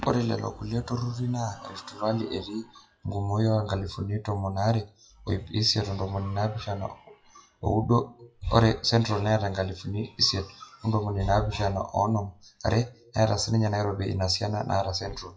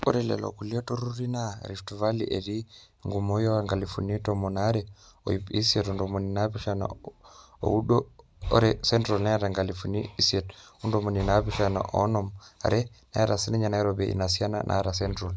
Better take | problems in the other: second | noise reduction (classical method WPE with log-MMSE)

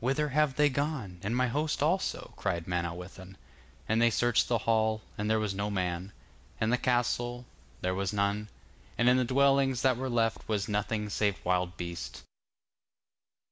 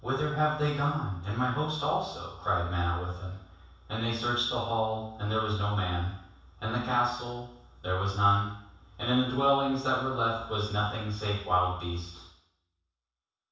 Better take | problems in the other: first | room echo; dies away in 0.7 s

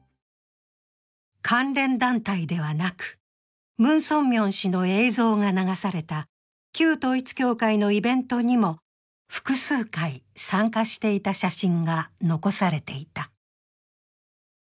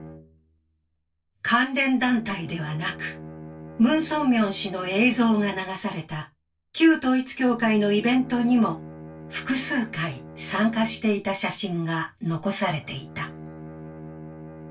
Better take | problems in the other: first | background sound (Bowed string instrument); 17 dB below the speech // room echo; dies away in 0.2 s

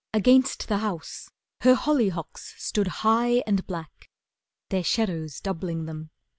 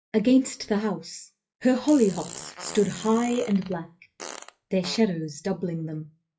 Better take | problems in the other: first | noise reduction (classical method WPE with log-MMSE)

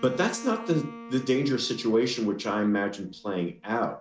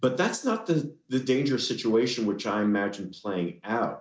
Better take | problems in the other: second | background sound (Bowed string instrument); 17 dB below the speech

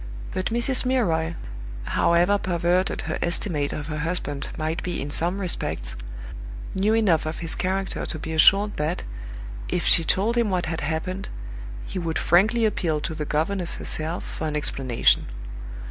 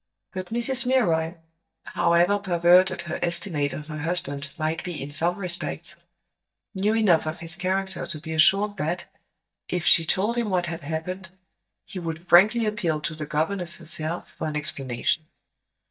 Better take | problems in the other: first | noise reduction (neural mask model DeepFilterNet 3)

